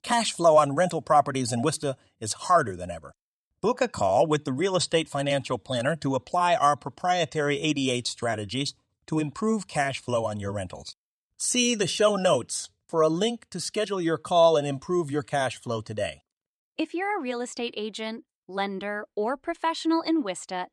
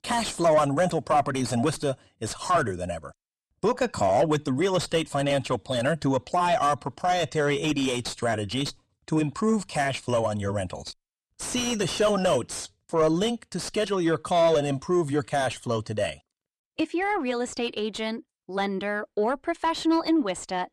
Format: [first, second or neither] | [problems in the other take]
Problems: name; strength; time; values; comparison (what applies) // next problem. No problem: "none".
first | distortion; slight; 9 dB below the speech